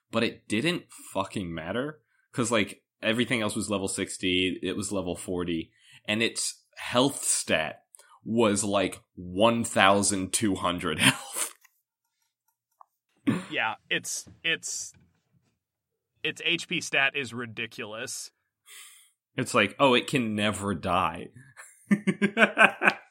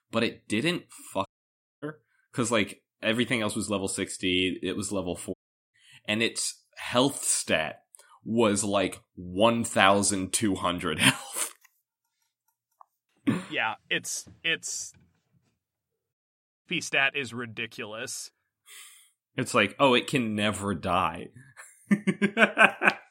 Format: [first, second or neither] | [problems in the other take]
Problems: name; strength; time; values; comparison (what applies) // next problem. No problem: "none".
first | audio cutting out; at 1.5 s for 0.5 s, at 5.5 s and at 16 s for 0.5 s